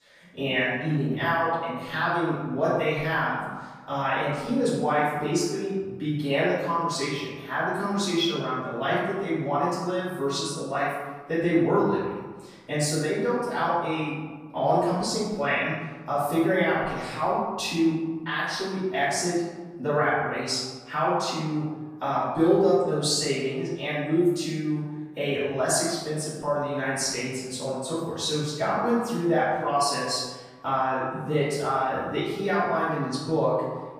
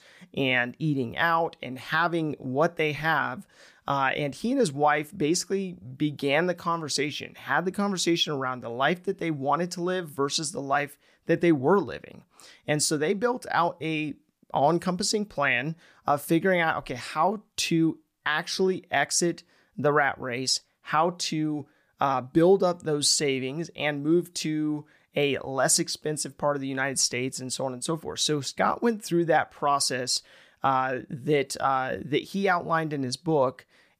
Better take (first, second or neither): second